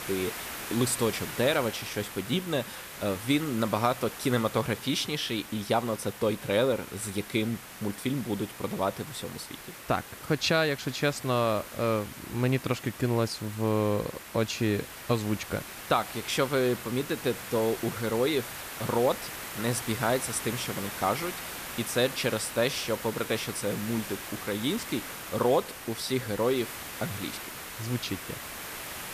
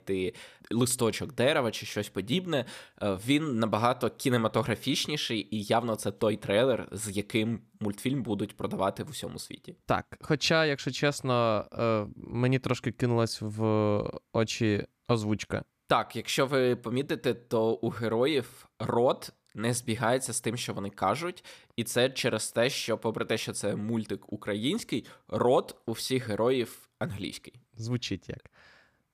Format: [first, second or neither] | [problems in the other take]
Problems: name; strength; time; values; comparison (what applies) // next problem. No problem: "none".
second | hiss; loud; throughout; 9 dB below the speech